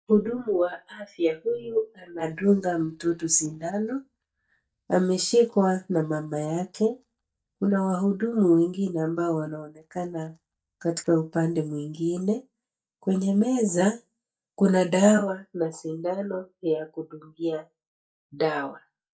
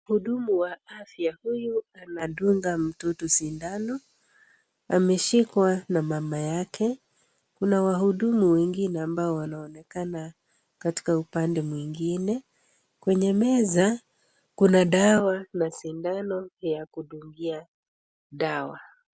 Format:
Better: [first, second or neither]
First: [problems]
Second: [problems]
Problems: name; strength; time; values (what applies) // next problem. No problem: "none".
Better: second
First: noise reduction (neural mask model DeepFilterNet 3)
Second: none